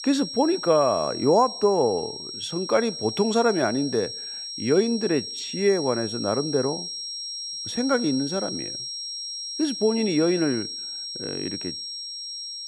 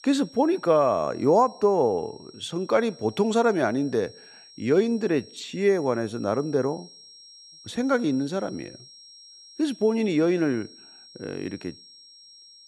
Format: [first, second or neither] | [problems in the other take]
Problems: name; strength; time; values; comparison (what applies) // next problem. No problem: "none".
second | high-pitched whine; loud; throughout; 5.5 kHz, 7 dB below the speech; faint in the second